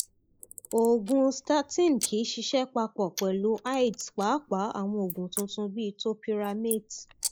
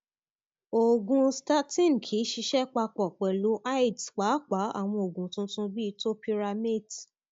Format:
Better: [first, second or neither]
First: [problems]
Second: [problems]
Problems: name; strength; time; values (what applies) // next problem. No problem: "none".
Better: second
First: noise reduction (neural mask model Resemble Enhance denoiser)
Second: none